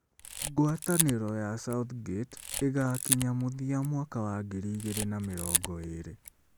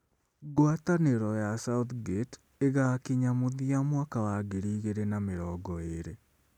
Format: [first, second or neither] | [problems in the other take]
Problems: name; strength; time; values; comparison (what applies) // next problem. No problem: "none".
second | background sound (Camera); 5 dB below the speech